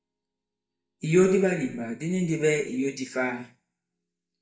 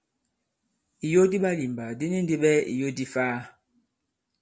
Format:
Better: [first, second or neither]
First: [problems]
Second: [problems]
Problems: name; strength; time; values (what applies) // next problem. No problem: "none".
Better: second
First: noise reduction (neural mask model DeepFilterNet 3)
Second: none